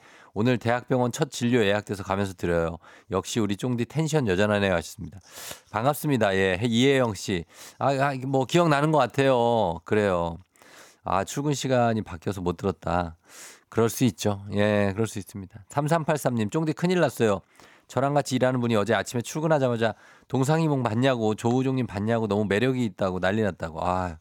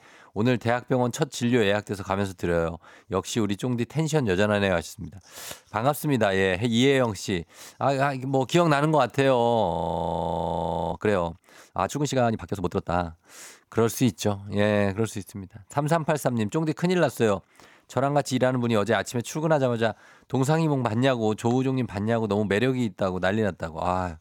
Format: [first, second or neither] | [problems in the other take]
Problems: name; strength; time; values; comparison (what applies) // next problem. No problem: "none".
first | audio freezing; at 9.5 s for 1 s